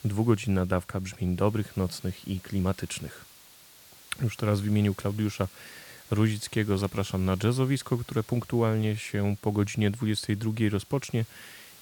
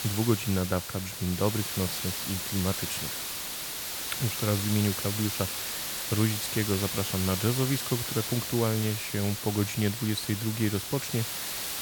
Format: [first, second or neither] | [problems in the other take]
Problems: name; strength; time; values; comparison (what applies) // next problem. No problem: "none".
first | hiss; loud; throughout; 2 dB below the speech; faint in the first